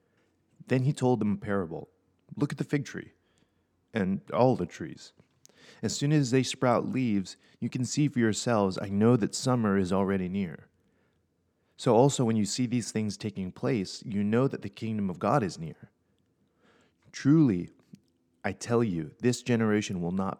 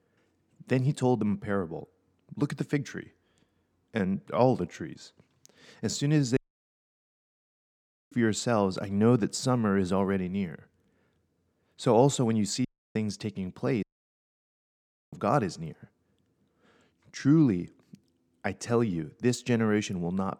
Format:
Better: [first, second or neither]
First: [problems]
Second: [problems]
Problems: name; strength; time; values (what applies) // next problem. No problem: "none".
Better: first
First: none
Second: audio cutting out; at 6.5 s for 1.5 s, at 13 s and at 14 s for 1.5 s